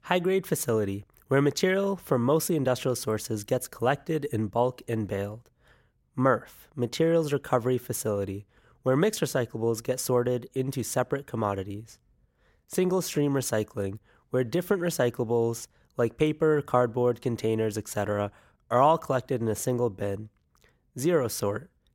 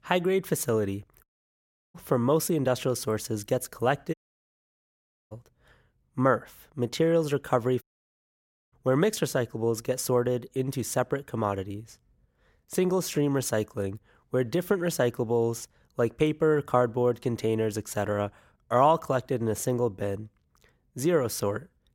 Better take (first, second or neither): first